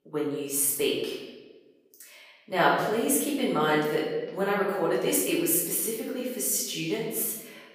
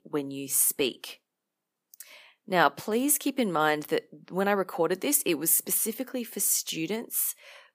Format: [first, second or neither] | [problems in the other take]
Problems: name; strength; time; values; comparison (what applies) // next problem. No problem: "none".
second | room echo; noticeable; dies away in 1 s // off-mic speech; far